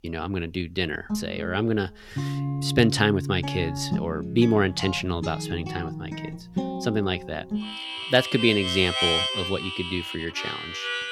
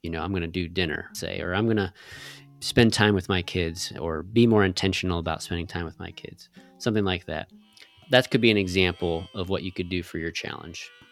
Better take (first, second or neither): second